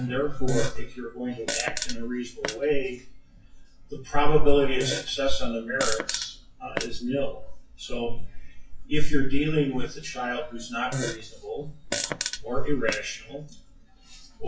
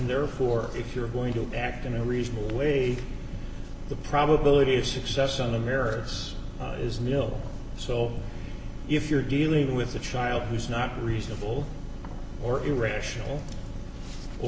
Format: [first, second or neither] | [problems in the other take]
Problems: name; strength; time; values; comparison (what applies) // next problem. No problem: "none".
second | noise reduction (classical method WPE with log-MMSE)